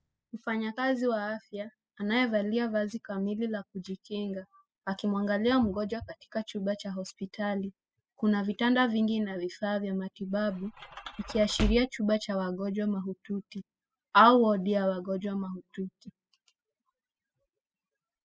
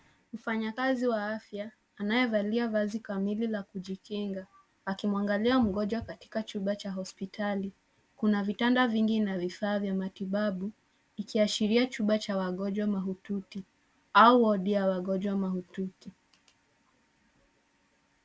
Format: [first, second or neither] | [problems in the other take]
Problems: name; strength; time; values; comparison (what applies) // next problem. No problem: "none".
second | noise reduction (classical method spectral subtraction)